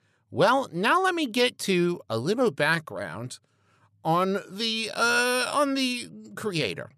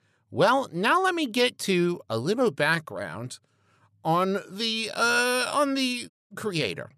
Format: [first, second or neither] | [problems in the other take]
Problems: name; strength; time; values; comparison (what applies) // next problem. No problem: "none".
first | audio cutting out; at 6 s